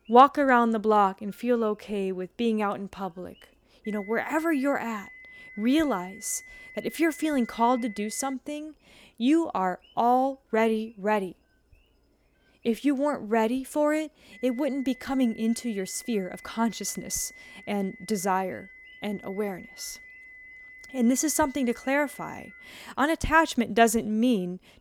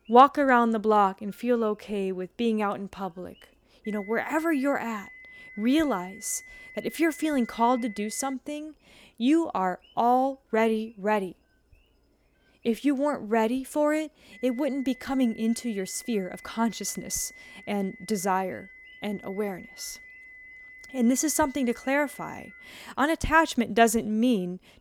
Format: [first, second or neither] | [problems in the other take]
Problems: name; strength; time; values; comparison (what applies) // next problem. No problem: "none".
neither | high-pitched whine; noticeable; from 4 to 8.5 s and from 14 to 23 s; 2 kHz, 20 dB below the speech; the same in both